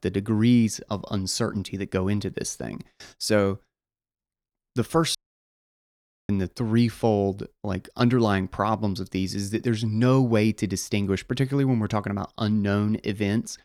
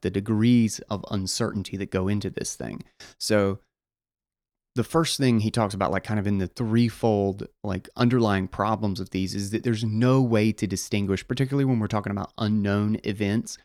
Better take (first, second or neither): second